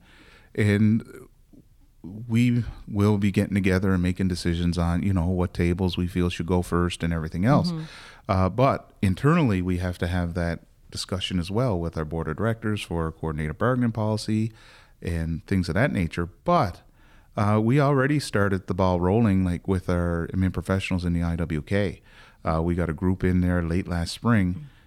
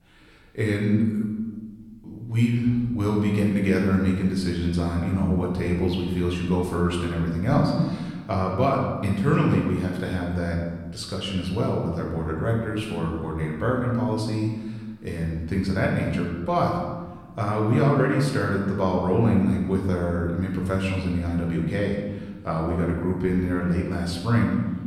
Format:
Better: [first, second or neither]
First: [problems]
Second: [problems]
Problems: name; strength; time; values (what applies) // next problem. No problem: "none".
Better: first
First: none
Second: room echo; noticeable; dies away in 1.2 s // off-mic speech; far